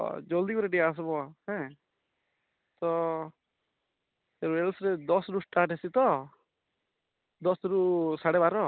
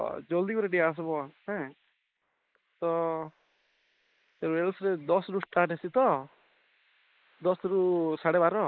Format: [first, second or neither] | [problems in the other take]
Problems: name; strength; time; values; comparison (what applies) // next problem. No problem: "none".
first | noise reduction (neural mask model Resemble Enhance denoiser)